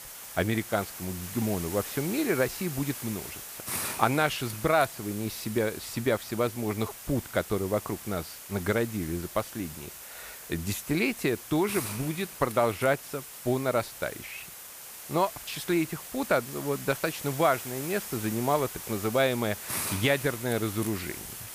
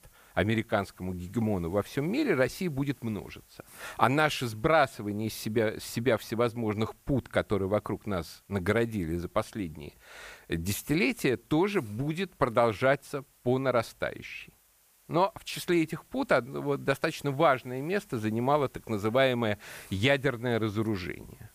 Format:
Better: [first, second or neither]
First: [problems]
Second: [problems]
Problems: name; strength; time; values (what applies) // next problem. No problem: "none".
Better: second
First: hiss; loud; throughout; 9 dB below the speech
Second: hiss; faint; throughout; 30 dB below the speech